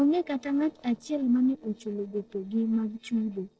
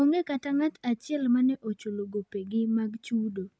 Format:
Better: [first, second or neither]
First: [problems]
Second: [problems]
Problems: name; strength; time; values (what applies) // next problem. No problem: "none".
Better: second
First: noise reduction (neural separator model SepFormer DNS4)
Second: none